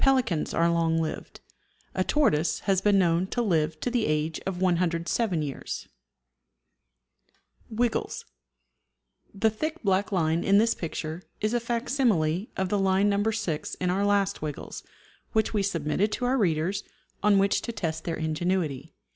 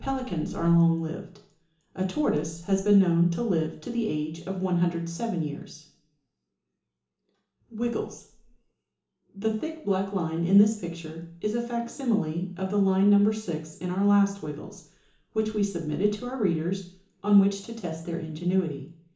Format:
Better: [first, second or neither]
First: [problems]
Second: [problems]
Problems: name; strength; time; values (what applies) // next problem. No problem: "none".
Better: first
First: none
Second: room echo; dies away in 0.8 s